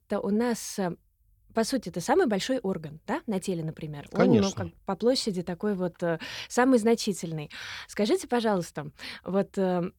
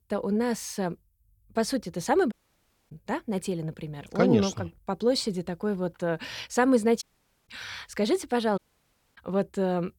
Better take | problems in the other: first | audio cutting out; at 2.5 s for 0.5 s, at 7 s and at 8.5 s for 0.5 s

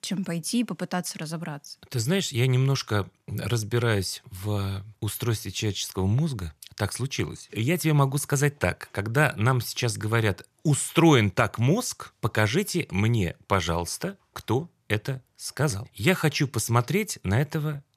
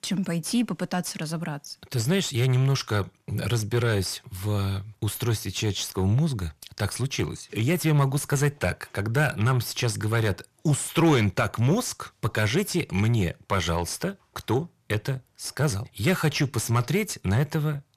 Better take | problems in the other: first | distortion; slight; 10 dB below the speech

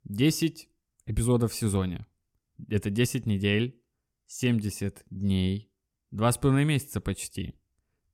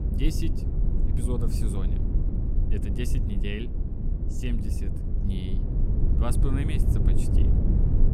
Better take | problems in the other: first | low rumble; loud; throughout; 1 dB below the speech

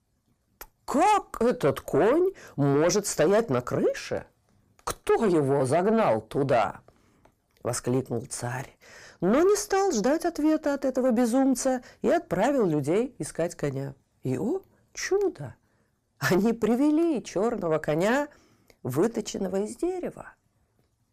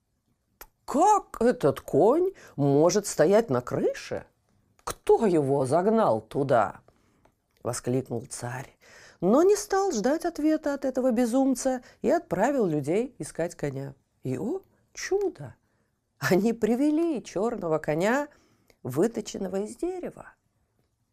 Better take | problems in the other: second | distortion; slight; 10 dB below the speech

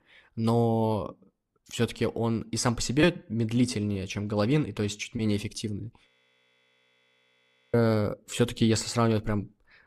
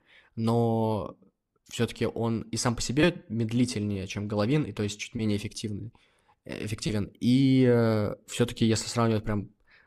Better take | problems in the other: second | audio freezing; at 6 s for 1.5 s

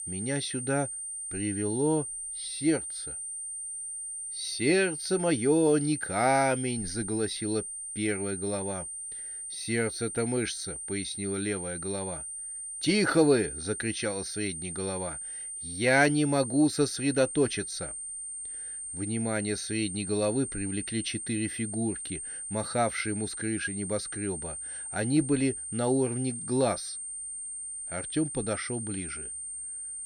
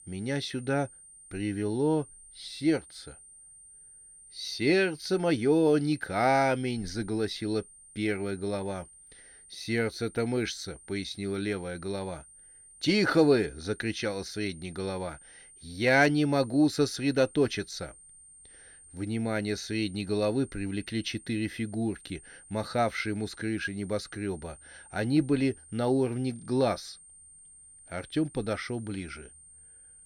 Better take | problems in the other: second | high-pitched whine; loud; throughout; 8.5 kHz, 6 dB below the speech; faint in the second

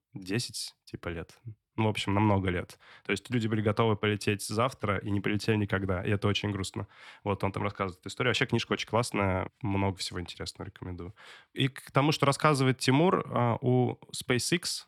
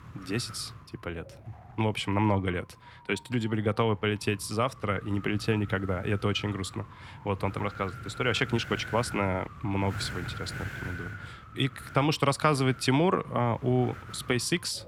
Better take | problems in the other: first | wind noise on the microphone; occasional gusts; 15 dB below the speech

